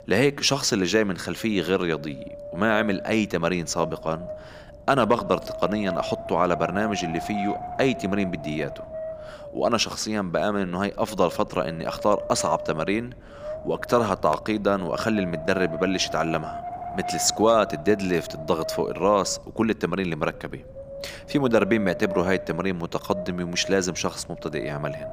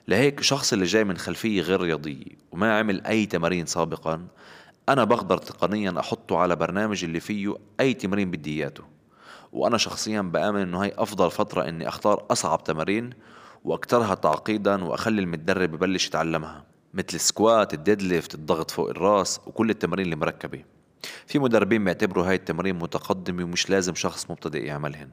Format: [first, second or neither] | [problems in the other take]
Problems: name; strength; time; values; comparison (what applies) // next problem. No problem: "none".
second | wind noise on the microphone; heavy; 10 dB below the speech